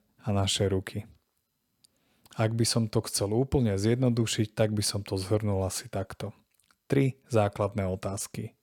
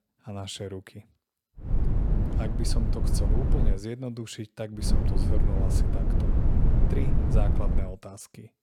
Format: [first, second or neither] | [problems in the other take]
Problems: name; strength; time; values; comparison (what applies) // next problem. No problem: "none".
first | wind noise on the microphone; heavy; from 1.5 to 3.5 s and from 5 to 8 s; as loud as the speech